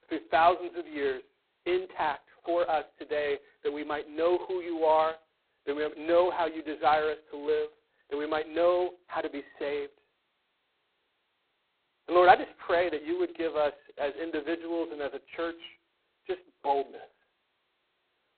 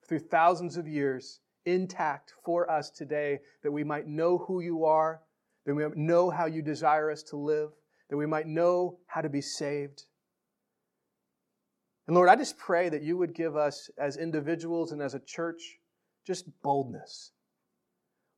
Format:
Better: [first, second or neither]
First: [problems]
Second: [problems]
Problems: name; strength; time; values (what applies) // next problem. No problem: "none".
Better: second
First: phone-call audio; poor line; nothing above 4 kHz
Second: none